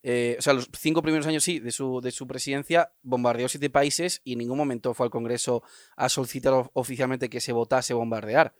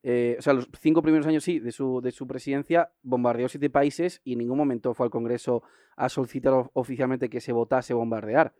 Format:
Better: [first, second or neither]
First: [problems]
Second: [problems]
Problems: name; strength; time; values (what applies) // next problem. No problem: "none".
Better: first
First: none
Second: muffled; slightly; fading above 3 kHz